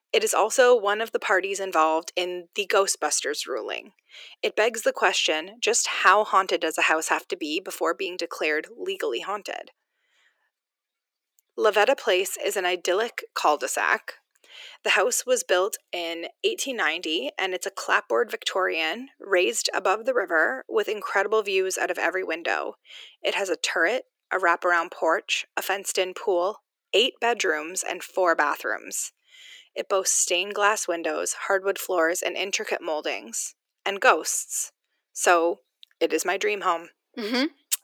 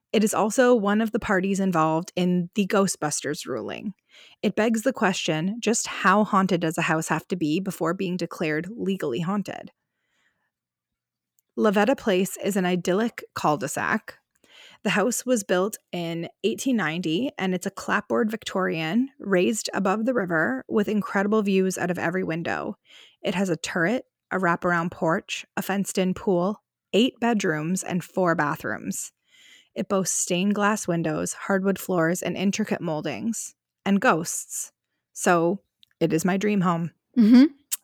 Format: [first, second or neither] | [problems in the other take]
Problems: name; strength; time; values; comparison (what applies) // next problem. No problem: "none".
second | thin; very; fading below 350 Hz